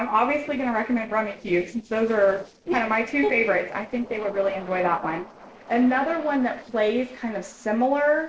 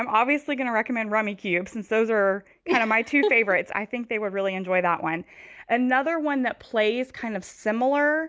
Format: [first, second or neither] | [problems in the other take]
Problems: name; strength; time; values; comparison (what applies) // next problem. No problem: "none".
second | noise reduction (neural separator model SepFormer DNS4)